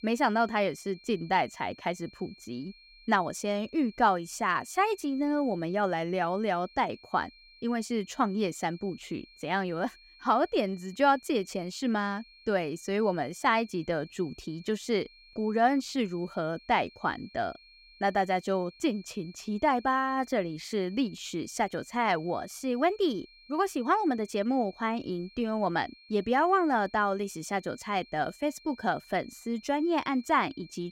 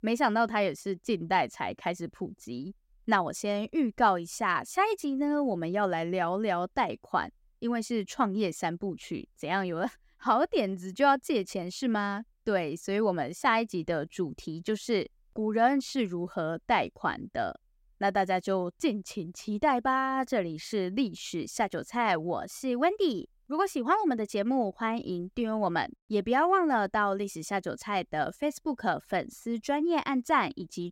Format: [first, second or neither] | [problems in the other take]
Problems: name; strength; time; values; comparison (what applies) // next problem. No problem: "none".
second | high-pitched whine; faint; throughout; 4 kHz, 25 dB below the speech